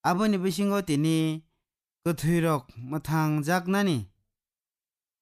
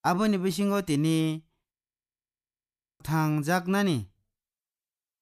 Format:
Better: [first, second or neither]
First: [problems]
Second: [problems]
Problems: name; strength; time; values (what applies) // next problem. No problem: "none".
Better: first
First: none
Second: audio freezing; at 1.5 s for 1.5 s